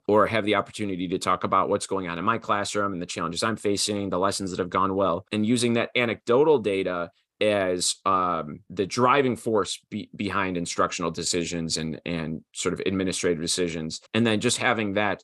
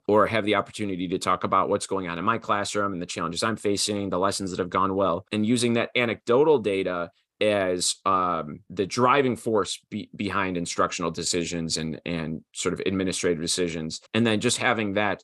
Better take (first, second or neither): neither